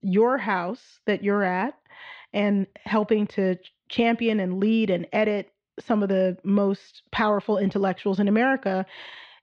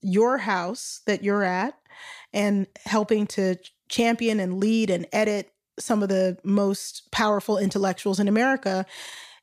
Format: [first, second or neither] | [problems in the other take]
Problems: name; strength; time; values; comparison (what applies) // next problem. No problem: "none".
second | muffled; slightly; fading above 3 kHz